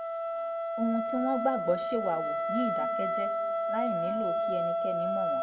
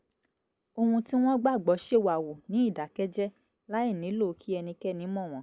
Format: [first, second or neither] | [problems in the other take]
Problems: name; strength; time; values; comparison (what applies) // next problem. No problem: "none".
second | background sound (Wind instrument, woodwind instrument); 3 dB above the speech // room echo; dies away in 1 s